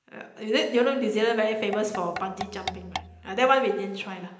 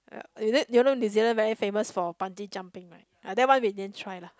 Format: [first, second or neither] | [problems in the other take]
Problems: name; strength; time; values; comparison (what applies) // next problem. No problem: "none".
second | background sound (Tap / Percussion); 12 dB below the speech // room echo; dies away in 0.9 s